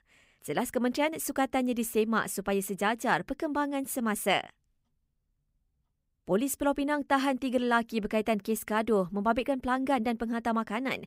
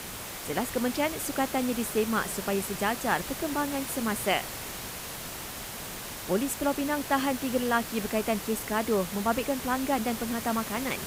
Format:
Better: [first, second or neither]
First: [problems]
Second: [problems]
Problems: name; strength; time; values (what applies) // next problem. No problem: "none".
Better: first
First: none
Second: hiss; loud; throughout; 7 dB below the speech